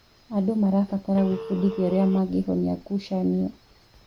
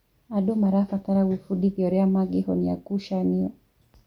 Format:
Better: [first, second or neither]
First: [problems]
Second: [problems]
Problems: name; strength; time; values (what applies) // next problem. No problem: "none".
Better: second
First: background sound (Telephone); 16 dB below the speech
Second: none